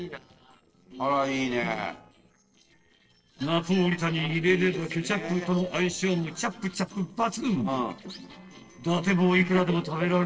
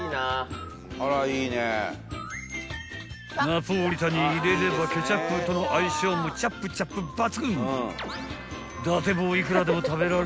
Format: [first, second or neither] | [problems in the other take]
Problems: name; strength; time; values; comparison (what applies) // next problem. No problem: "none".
second | noise reduction (neural separator model SepFormer DNS4)